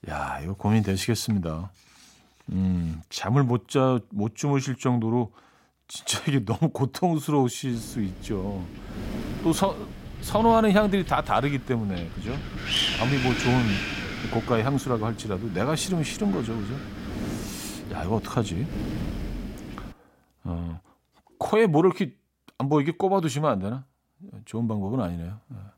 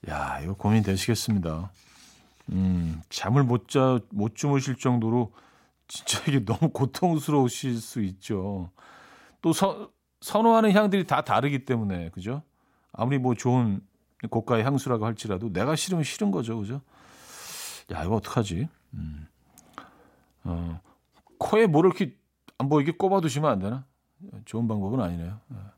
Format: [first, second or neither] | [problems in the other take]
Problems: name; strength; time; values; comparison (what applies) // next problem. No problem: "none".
second | wind noise on the microphone; heavy; from 7.5 to 20 s; 5 dB below the speech